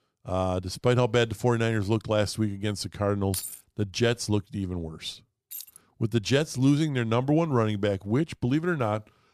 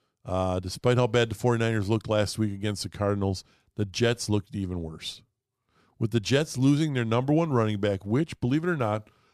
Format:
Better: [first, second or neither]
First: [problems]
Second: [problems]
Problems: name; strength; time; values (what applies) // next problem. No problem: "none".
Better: second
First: jangling keys; noticeable; at 3.5 s; peak 7 dB below the speech // jangling keys; faint; at 5.5 s; peak 15 dB below the speech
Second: none